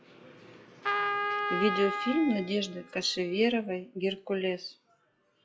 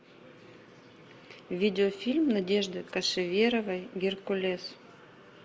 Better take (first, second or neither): second